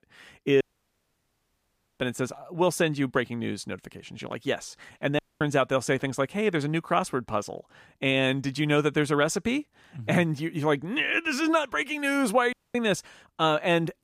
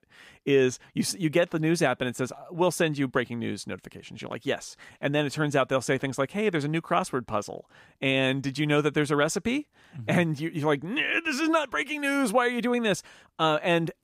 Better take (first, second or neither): second